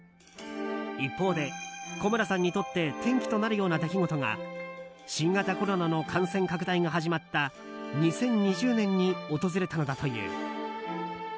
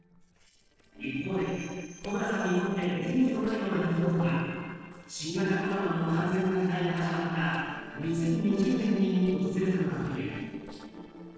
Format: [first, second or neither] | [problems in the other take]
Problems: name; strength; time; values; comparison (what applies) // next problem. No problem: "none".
first | noise reduction (neural separator model SepFormer DNS4)